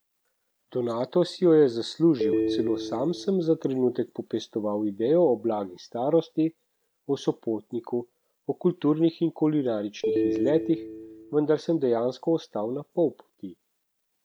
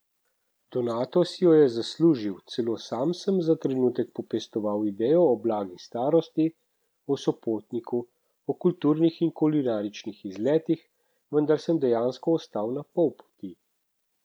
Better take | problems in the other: second | background sound (Telephone); 4 dB below the speech

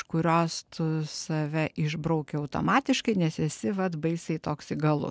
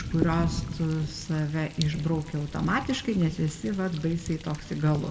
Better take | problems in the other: first | background sound (Thunder); 8 dB below the speech // room echo; dies away in 0.9 s

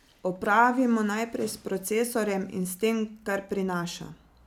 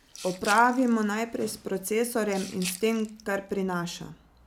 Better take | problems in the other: first | background sound (Rattle (instrument)); 16 dB below the speech

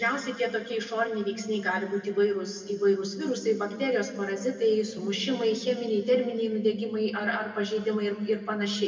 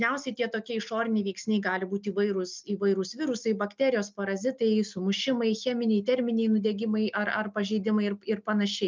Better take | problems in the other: second | room echo; dies away in 2 s

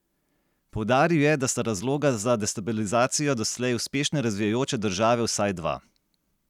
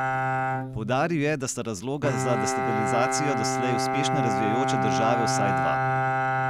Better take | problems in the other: first | background sound (Bowed string instrument); 3 dB above the speech

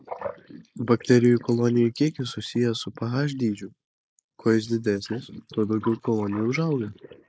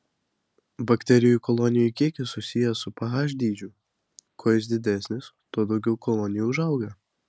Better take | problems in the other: second | noise reduction (neural mask model Resemble Enhance denoiser)

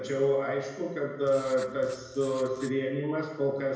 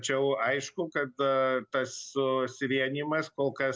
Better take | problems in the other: second | background sound (Writing); 19 dB below the speech // room echo; dies away in 1 s

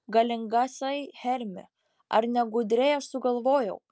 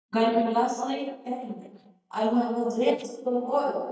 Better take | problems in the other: first | noise reduction (neural mask model DeepFilterNet 3)

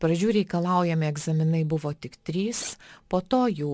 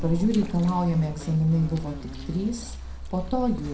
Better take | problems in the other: first | background sound (Insect); 9 dB below the speech // room echo; dies away in 0.4 s

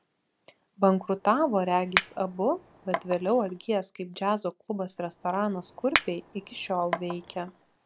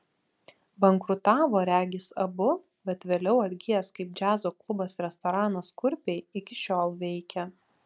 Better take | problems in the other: second | background sound (Chink, clink); 7 dB below the speech

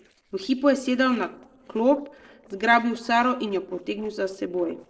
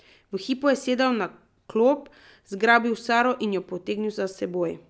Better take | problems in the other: second | noise reduction (neural separator model SepFormer DNS4)

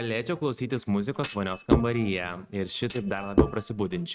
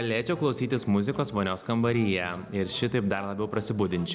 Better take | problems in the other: second | noise reduction (neural mask model RNNoise)

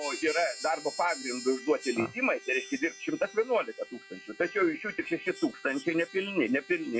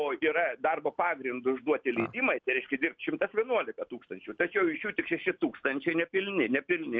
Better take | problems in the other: second | noise reduction (classical method log-MMSE)

